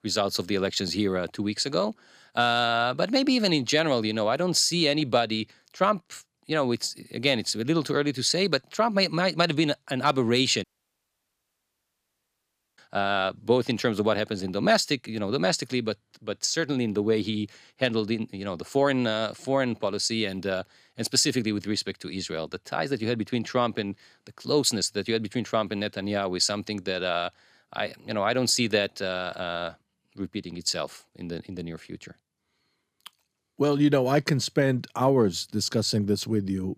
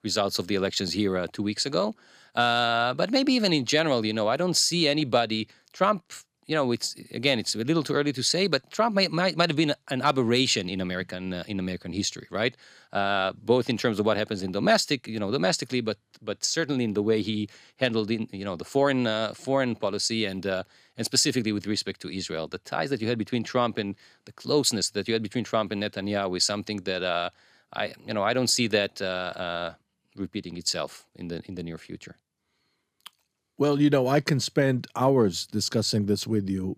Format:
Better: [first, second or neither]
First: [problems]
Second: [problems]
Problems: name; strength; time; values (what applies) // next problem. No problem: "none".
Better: second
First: audio cutting out; at 11 s for 2 s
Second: none